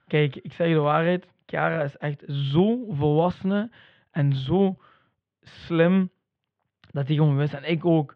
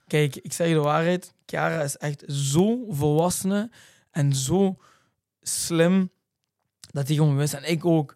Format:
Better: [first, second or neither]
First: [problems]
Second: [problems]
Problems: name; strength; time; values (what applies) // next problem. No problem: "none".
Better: second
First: muffled; very; fading above 3 kHz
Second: none